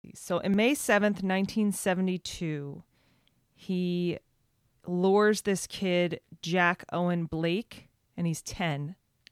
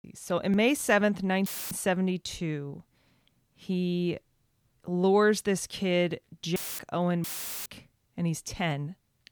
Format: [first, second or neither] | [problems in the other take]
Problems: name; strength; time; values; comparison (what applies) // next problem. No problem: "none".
first | audio cutting out; filled with static; at 1.5 s, at 6.5 s and at 7 s